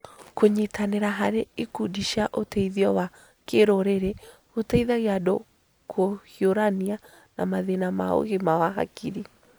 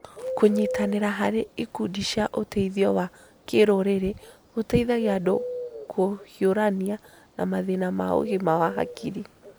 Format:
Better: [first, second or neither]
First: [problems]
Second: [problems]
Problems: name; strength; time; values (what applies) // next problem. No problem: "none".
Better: first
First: none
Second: background sound (Bird); 13 dB below the speech